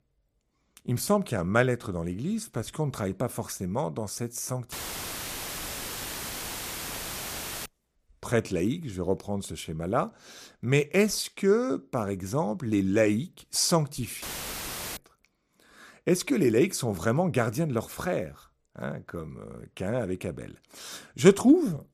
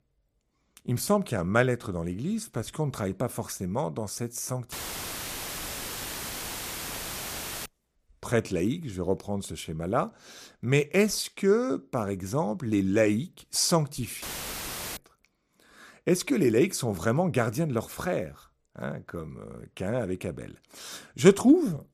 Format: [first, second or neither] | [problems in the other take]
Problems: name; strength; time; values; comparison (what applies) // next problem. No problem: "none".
neither | audio cutting out; filled with static; at 4.5 s for 3 s and at 14 s for 1 s; the same in both